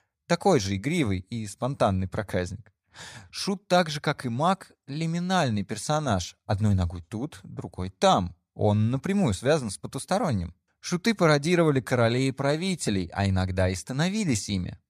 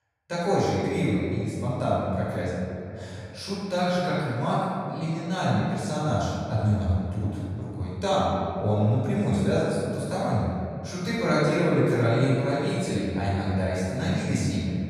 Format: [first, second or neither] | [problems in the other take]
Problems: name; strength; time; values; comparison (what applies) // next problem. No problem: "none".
first | room echo; strong; dies away in 2.5 s // off-mic speech; far